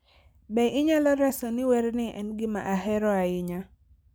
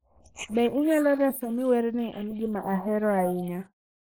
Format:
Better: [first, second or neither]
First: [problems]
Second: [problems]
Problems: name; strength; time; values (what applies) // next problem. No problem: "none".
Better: first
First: none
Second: noise reduction (neural mask model Resemble Enhance denoiser)